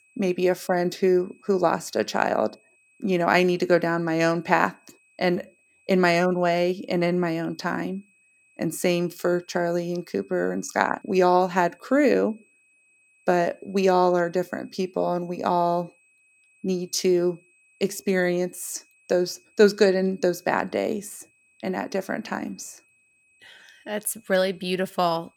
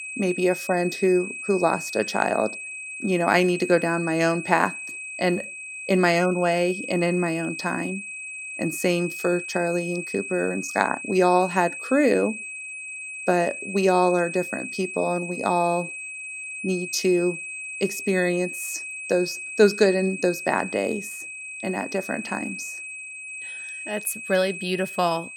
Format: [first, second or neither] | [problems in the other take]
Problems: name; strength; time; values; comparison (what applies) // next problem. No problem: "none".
first | high-pitched whine; loud; throughout; 2.5 kHz, 8 dB below the speech; faint in the first